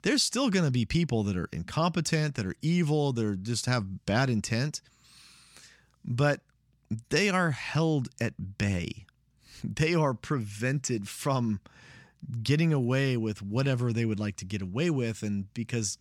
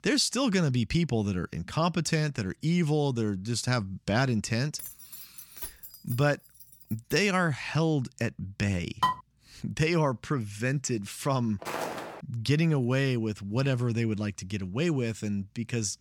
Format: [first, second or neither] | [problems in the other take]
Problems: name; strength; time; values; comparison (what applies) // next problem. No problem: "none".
first | jangling keys; faint; from 5 to 7 s; peak 10 dB below the speech // clattering dishes; noticeable; at 9 s; peak level with the speech // footsteps; noticeable; at 12 s; peak 5 dB below the speech